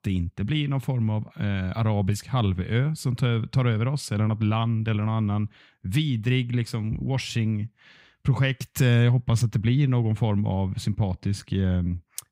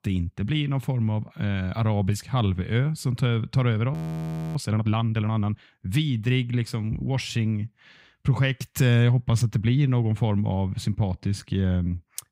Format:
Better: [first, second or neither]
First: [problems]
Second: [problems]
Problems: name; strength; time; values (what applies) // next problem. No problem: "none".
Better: first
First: none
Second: audio freezing; at 4 s for 0.5 s